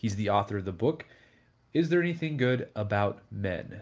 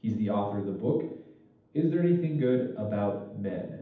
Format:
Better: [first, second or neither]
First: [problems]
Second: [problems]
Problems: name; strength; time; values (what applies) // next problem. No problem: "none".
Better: first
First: none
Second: room echo; dies away in 0.8 s